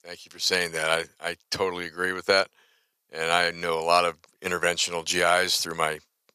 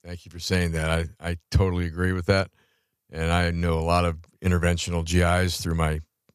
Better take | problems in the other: second | thin; very; fading below 500 Hz

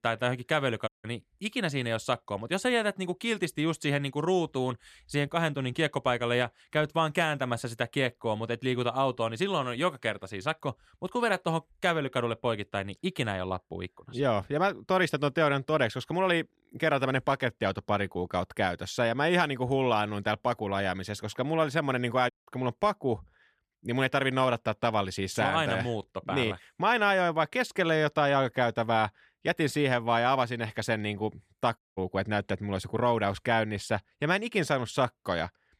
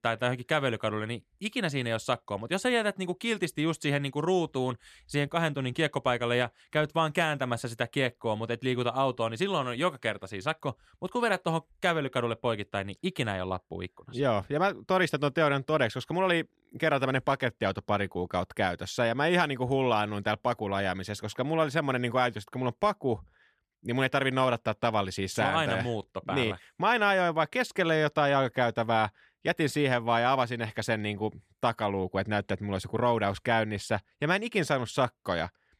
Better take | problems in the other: second | audio cutting out; at 1 s, at 22 s and at 32 s

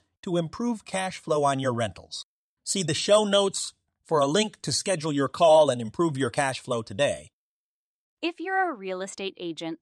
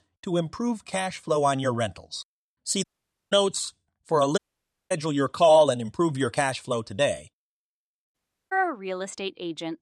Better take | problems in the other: first | audio cutting out; at 3 s, at 4.5 s for 0.5 s and at 8 s

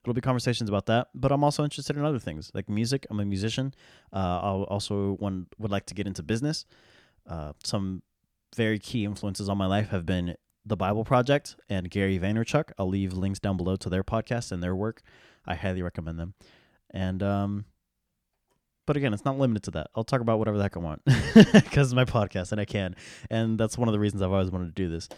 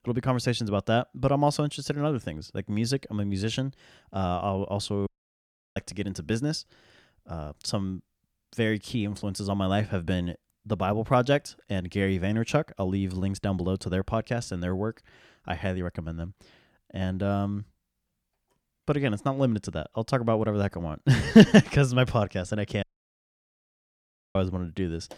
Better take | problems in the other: first | audio cutting out; at 5 s for 0.5 s and at 23 s for 1.5 s

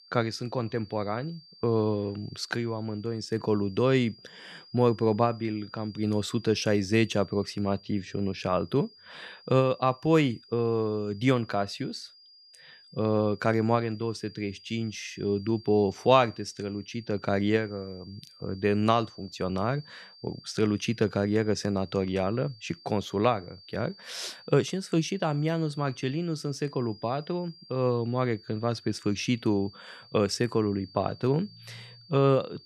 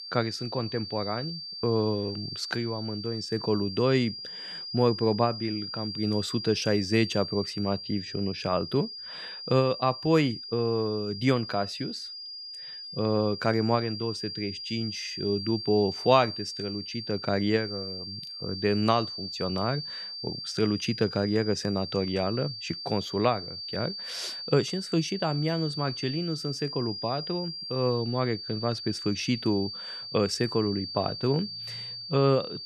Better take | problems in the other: first | high-pitched whine; loud; throughout; 4.5 kHz, 7 dB below the speech; faint in the first

